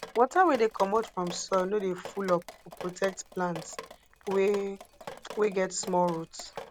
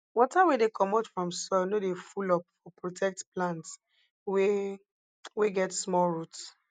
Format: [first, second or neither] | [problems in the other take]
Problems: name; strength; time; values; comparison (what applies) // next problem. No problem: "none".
second | background sound (Drip); 15 dB below the speech